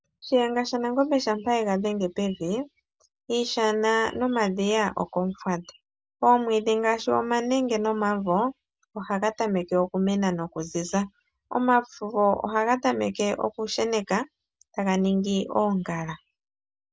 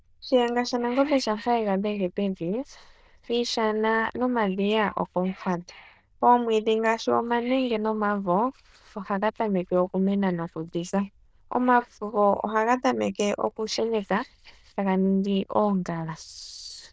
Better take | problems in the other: first | noise reduction (neural diffusion model UNIVERSE++)

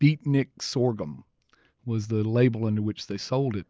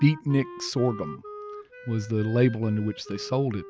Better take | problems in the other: first | background sound (Wind instrument, woodwind instrument); 16 dB below the speech

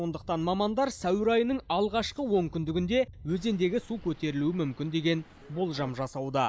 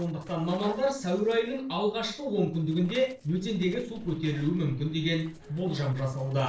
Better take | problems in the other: first | noise reduction (neural separator model SepFormer DNS4)

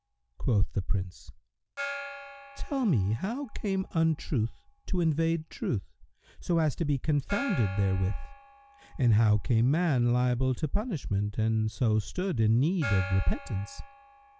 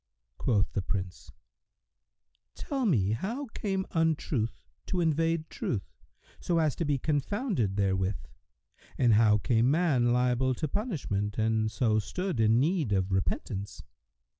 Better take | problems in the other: second | background sound (Gong); 17 dB below the speech

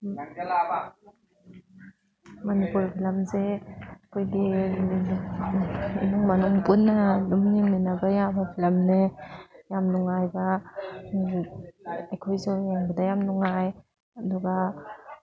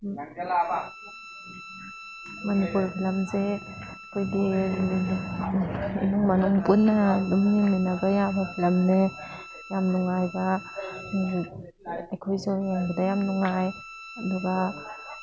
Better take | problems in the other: first | background sound (Bowed string instrument); 18 dB below the speech

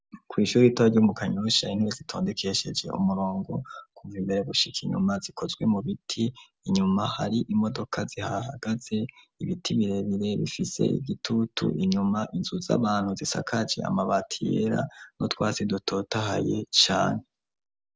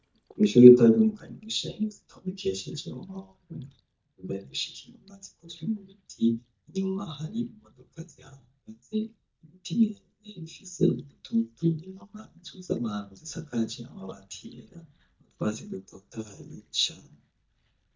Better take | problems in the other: first | noise reduction (neural mask model DeepFilterNet 3)

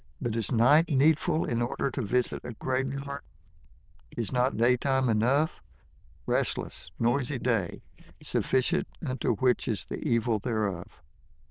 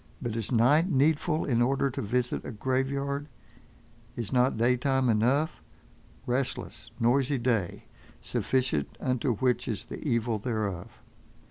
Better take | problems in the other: second | noise reduction (neural diffusion model UNIVERSE++)

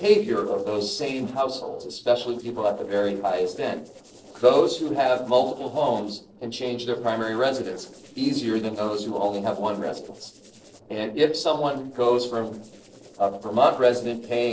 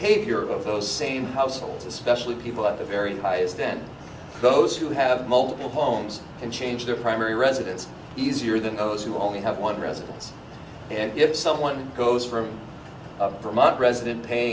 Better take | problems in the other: second | noise reduction (neural separator model SepFormer DNS4)

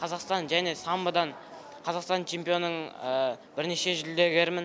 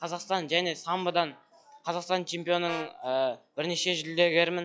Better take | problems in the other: first | noise reduction (classical method log-MMSE)

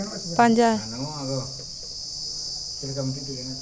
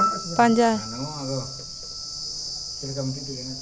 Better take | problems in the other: first | background sound (Piano); 8 dB below the speech

